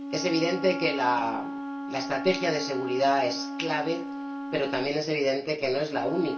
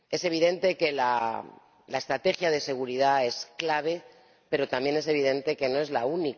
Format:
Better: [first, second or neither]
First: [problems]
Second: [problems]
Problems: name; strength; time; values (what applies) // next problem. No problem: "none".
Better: second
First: background sound (Wind instrument, woodwind instrument); 7 dB below the speech // room echo; dies away in 0.3 s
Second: none